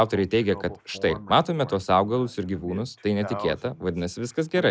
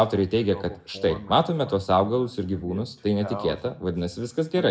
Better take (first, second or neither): first